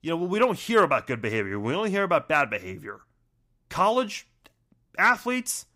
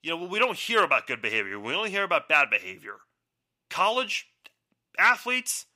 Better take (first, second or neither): first